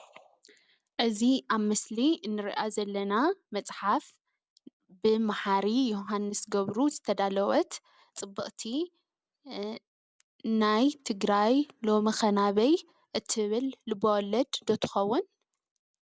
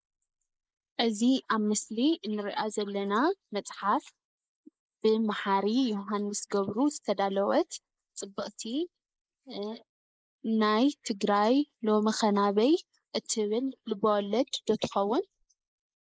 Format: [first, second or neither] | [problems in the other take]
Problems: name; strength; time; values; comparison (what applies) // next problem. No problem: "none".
first | noise reduction (neural mask model Resemble Enhance denoiser)